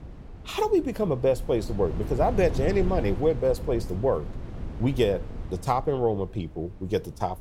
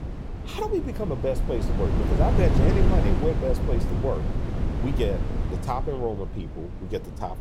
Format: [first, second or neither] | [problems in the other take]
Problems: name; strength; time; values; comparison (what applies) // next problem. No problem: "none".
first | wind noise on the microphone; heavy; 4 dB below the speech; occasional gusts in the first